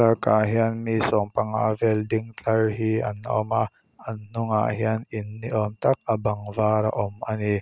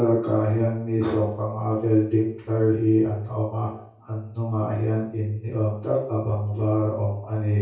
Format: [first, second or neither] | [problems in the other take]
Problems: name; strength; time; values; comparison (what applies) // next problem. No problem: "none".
first | room echo; dies away in 0.6 s